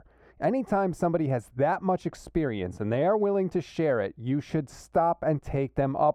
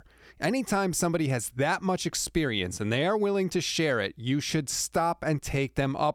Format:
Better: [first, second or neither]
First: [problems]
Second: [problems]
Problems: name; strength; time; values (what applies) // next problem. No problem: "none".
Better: second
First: muffled; very; fading above 2 kHz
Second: none